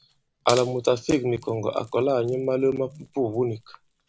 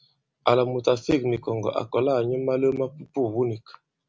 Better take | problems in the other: second | background sound (Wood); 19 dB below the speech

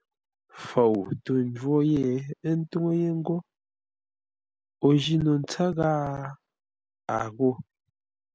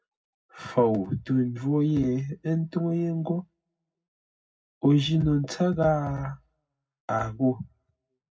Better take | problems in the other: first | room echo; dies away in 0.4 s

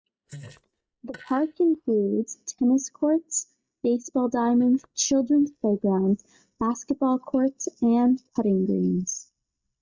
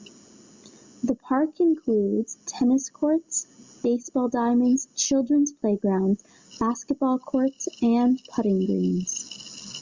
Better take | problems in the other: second | noise reduction (neural mask model DeepFilterNet 3)

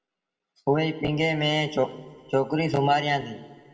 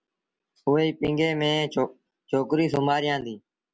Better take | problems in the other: second | room echo; dies away in 1.5 s

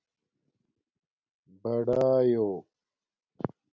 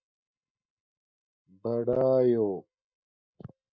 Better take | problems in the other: first | noise reduction (neural mask model DeepFilterNet 3)

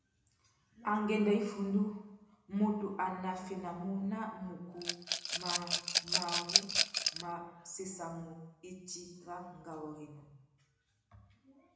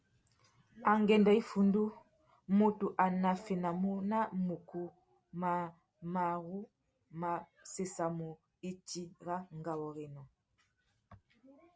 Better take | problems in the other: second | background sound (Rattle / Glass); 4 dB above the speech // room echo; dies away in 0.9 s

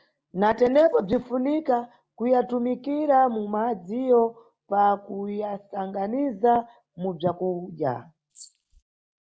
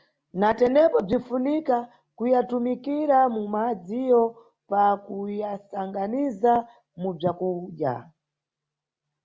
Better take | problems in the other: second | noise reduction (neural mask model Resemble Enhance denoiser)

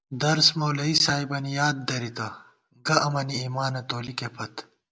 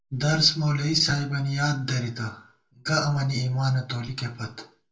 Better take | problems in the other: first | room echo; dies away in 0.3 s

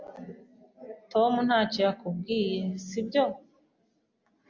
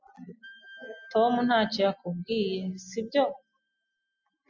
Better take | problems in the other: first | noise reduction (classical method spectral subtraction)

